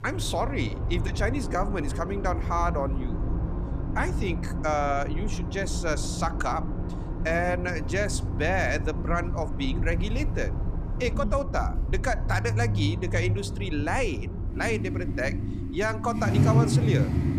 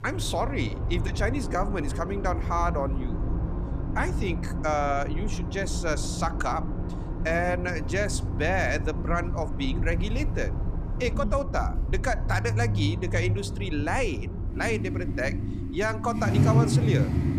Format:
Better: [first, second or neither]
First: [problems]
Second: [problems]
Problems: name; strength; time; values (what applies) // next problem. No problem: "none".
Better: neither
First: traffic noise; very loud; throughout; as loud as the speech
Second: traffic noise; very loud; throughout; as loud as the speech